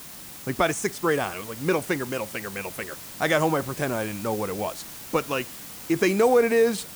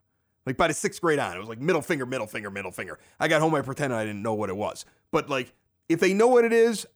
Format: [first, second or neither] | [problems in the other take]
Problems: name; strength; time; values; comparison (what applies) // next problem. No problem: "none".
second | hiss; noticeable; throughout; 10 dB below the speech